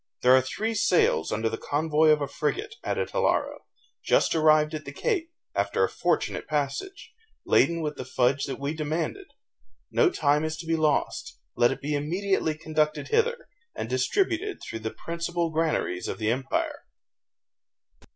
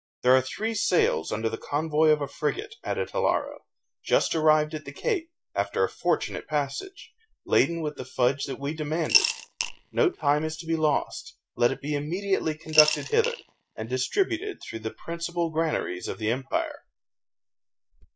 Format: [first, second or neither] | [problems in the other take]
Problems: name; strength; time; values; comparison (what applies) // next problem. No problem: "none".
first | noise reduction (neural mask model DeepFilterNet 3)